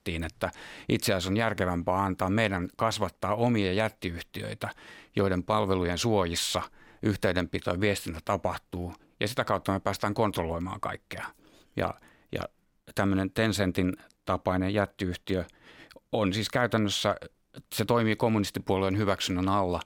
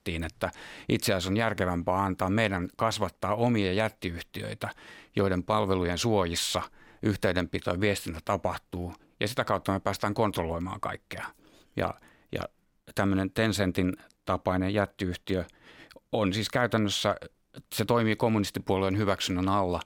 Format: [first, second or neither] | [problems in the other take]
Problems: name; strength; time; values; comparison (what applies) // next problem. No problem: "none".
neither | none